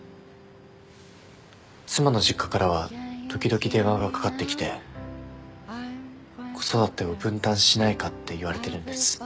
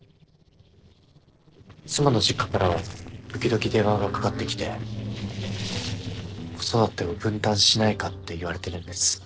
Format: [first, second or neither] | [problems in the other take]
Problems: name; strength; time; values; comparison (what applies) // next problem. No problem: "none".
first | noise reduction (neural separator model SepFormer DNS4)